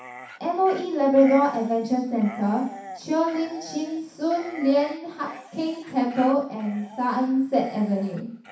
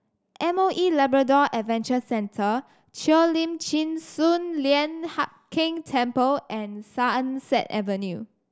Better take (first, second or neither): second